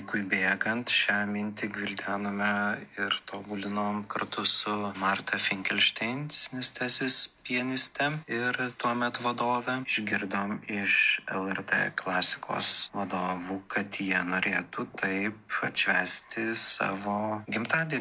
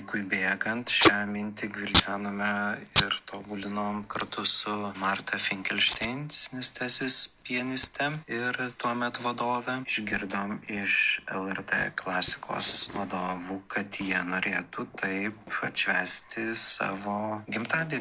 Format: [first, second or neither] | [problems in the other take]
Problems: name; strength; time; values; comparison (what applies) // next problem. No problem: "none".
first | background sound (Packing tape, duct tape); 6 dB below the speech